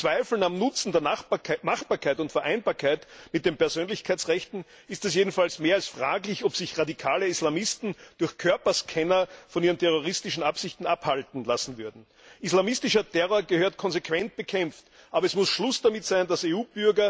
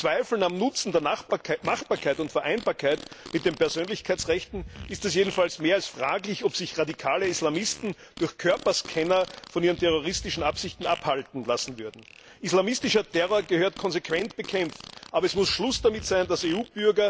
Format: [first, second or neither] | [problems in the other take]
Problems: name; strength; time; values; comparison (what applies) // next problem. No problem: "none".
first | background sound (Fart); 18 dB below the speech